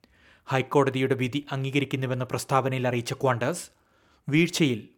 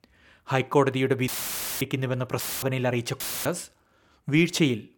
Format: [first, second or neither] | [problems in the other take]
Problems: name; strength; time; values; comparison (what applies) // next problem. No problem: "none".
first | audio cutting out; filled with static; at 1.5 s for 0.5 s, at 2.5 s and at 3 s